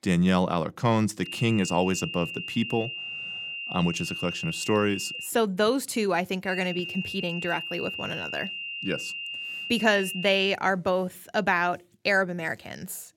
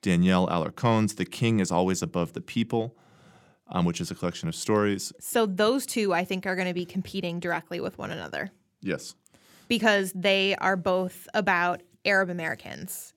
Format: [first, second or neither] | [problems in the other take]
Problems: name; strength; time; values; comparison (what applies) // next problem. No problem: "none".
second | high-pitched whine; loud; from 1.5 to 5.5 s and from 6.5 to 10 s; 3 kHz, 6 dB below the speech